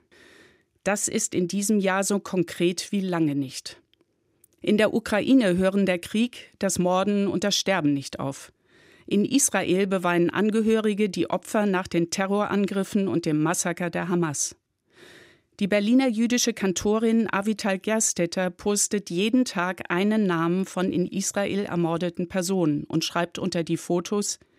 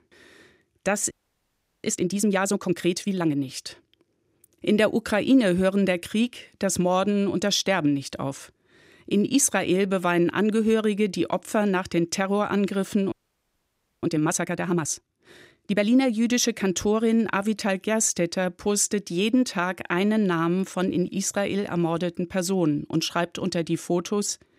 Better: first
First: none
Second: audio freezing; at 1 s for 0.5 s and at 13 s for 1 s

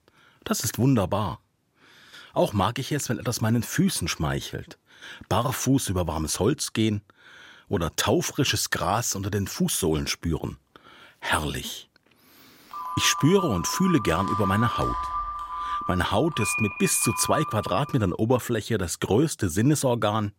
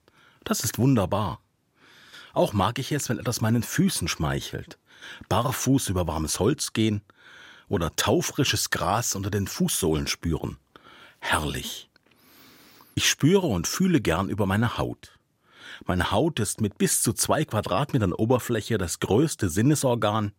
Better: second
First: phone ringing; noticeable; from 13 to 18 s; peak 2 dB below the speech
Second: none

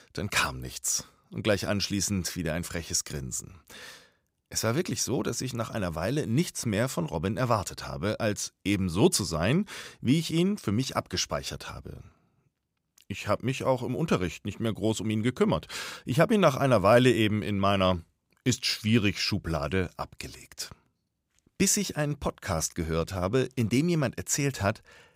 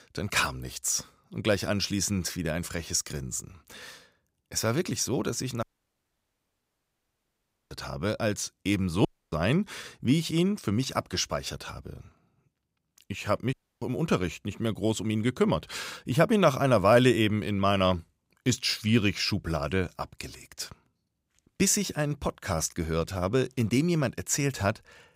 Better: first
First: none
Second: audio cutting out; at 5.5 s for 2 s, at 9 s and at 14 s

